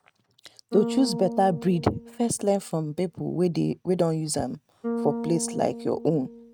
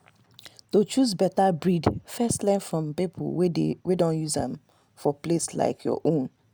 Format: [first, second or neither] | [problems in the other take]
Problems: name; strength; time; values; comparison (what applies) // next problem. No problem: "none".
second | noise reduction (neural mask model RNNoise)